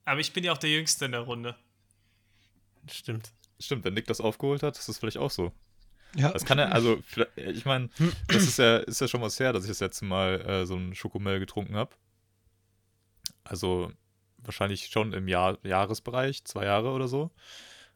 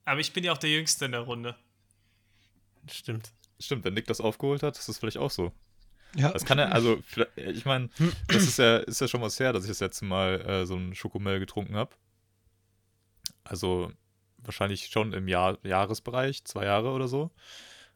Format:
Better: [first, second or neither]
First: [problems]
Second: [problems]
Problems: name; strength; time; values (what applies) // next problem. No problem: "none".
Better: neither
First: none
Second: none